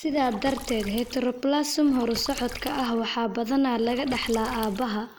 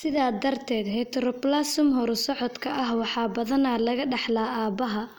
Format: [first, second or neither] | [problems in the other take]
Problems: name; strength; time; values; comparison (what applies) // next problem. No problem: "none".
second | background sound (Water / Splash, splatter); 14 dB below the speech